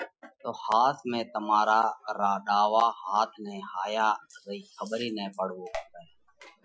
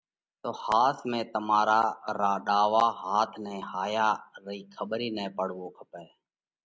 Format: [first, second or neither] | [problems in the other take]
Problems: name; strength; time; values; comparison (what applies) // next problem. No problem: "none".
second | noise reduction (classical method Wiener filter)